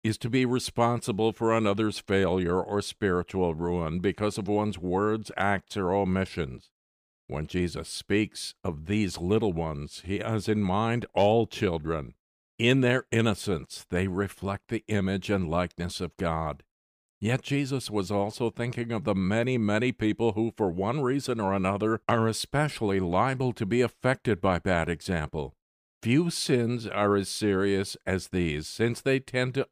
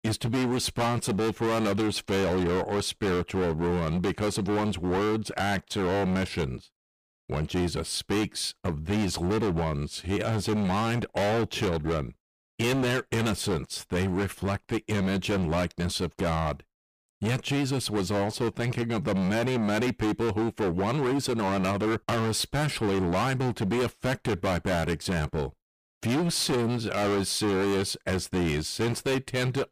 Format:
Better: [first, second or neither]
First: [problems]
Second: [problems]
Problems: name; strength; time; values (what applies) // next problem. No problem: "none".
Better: first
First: none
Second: distortion; heavy; 26% of the sound clipped